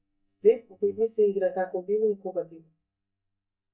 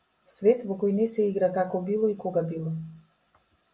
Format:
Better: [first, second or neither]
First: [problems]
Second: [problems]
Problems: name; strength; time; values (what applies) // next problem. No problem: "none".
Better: second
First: noise reduction (neural mask model DeepFilterNet 3)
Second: none